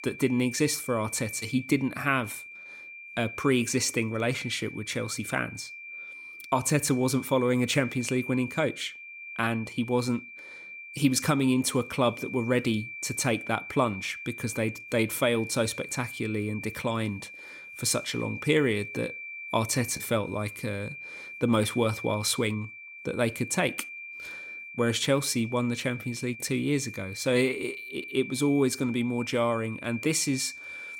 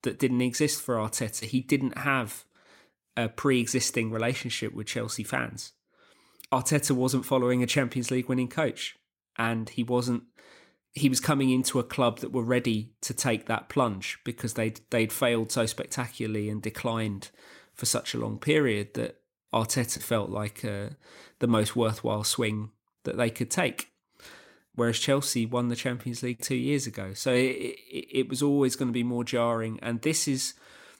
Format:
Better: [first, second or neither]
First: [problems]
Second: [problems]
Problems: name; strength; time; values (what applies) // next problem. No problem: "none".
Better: second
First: high-pitched whine; noticeable; throughout; 2.5 kHz, 10 dB below the speech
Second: none